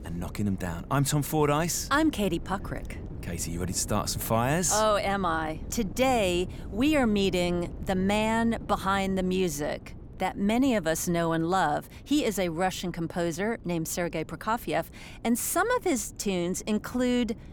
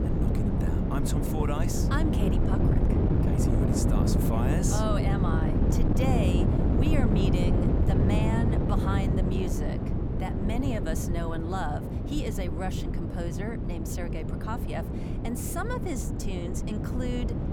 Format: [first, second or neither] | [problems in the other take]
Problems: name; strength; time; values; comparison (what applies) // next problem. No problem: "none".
first | wind noise on the microphone; heavy; 1 dB above the speech; occasional gusts in the first